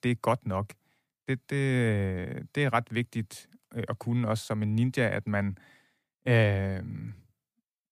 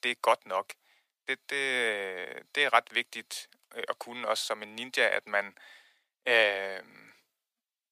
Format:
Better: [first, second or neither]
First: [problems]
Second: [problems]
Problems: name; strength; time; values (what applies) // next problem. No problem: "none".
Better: first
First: none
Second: thin; very; fading below 550 Hz